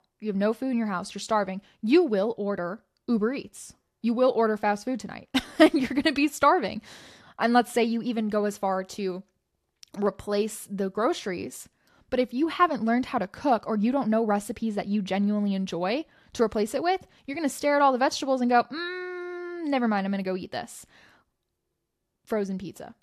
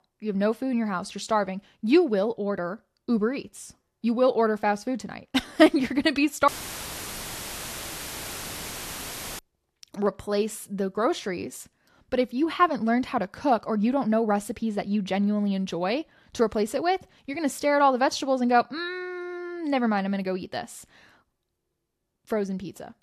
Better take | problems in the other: first | audio cutting out; filled with static; at 6.5 s for 3 s

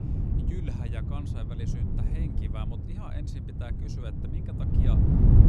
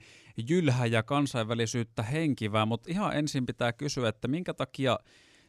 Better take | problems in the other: second | wind noise on the microphone; heavy; 5 dB above the speech

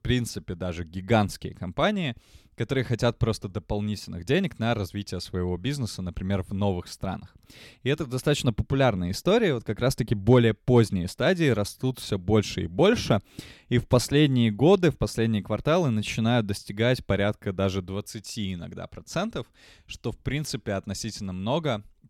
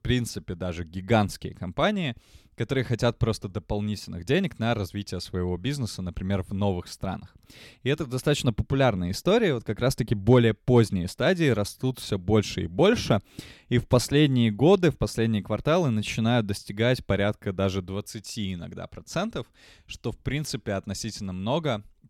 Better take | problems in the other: neither | none

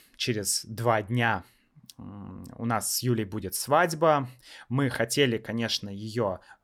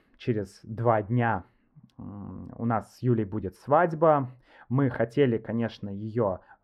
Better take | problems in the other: first | muffled; very; fading above 3 kHz

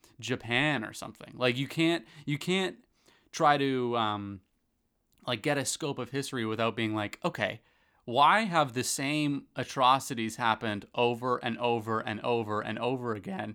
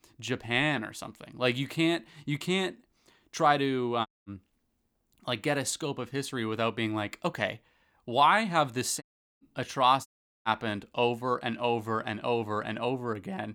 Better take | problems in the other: first | audio cutting out; at 4 s, at 9 s and at 10 s

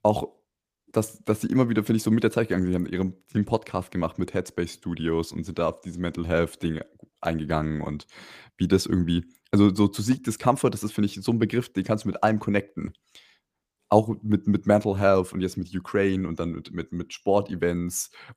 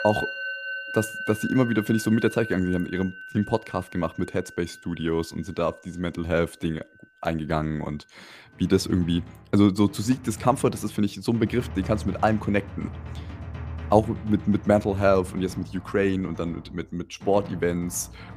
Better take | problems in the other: first | background music; noticeable; throughout; 10 dB below the speech

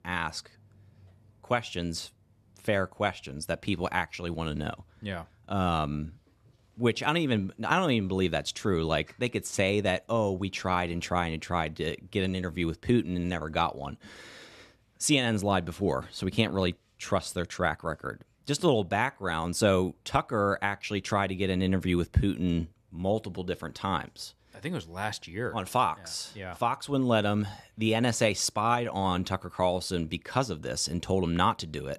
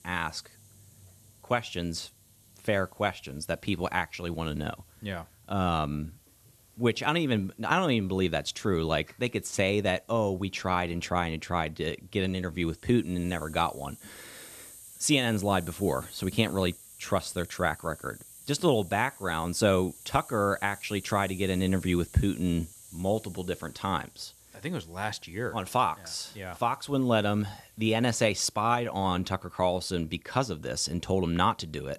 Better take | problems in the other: first | hiss; faint; throughout; 20 dB below the speech

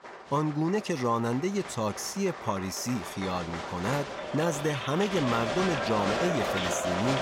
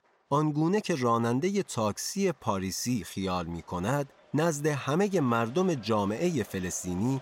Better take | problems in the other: second | crowd noise; loud; throughout; 3 dB below the speech; faint in the second

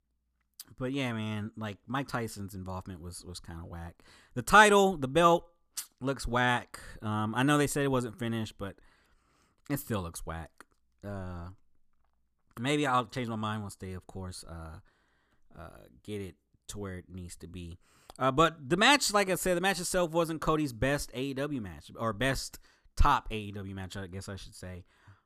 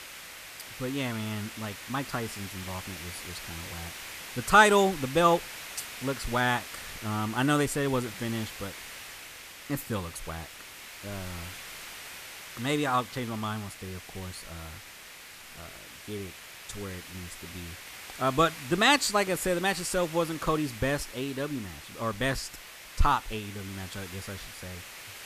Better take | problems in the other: first | hiss; noticeable; throughout; 15 dB below the speech

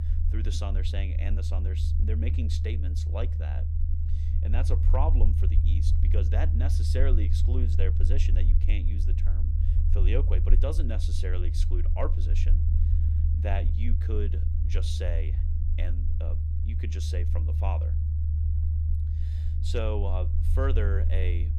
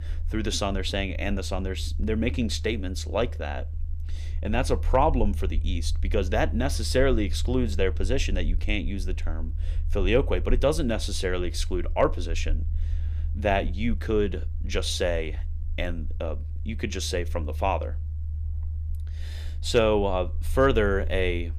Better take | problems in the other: second | low rumble; loud; throughout; 5 dB below the speech; faint in the second

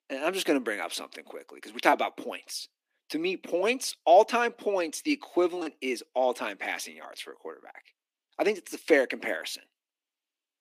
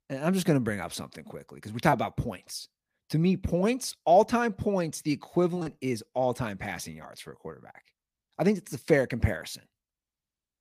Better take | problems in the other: second | thin; somewhat; fading below 300 Hz

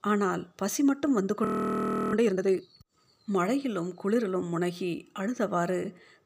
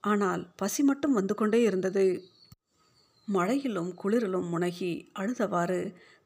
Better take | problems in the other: second | audio freezing; at 1.5 s for 0.5 s

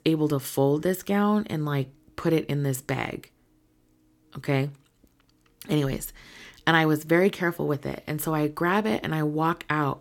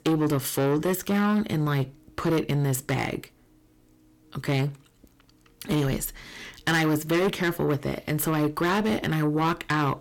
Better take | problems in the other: first | distortion; heavy; 7 dB below the speech

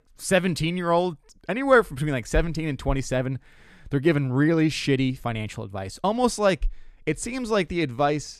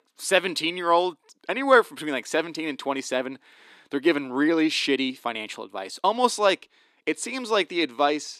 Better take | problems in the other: first | thin; very slightly; fading below 300 Hz

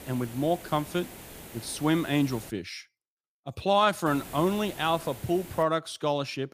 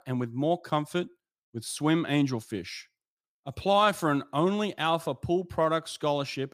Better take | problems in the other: second | hiss; noticeable; until 2.5 s and from 4 to 5.5 s; 15 dB below the speech

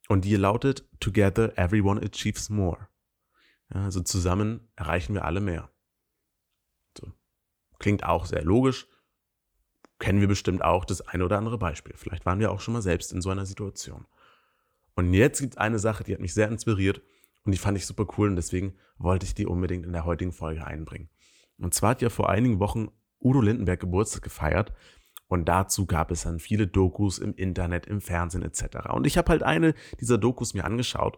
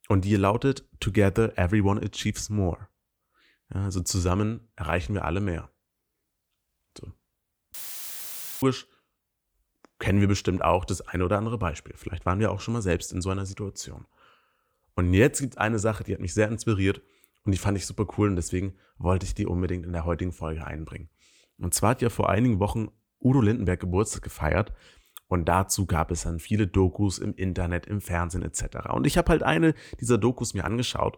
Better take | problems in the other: first | audio cutting out; filled with static; at 7.5 s for 1 s

